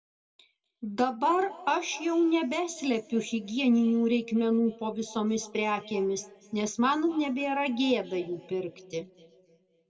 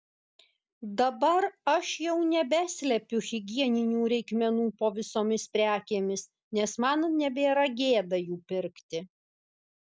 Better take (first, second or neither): second